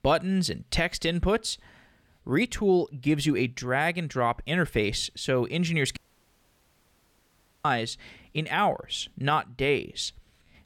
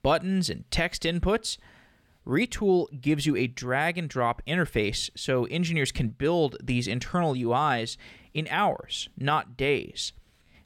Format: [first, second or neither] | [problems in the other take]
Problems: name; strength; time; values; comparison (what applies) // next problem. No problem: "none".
second | audio cutting out; at 6 s for 1.5 s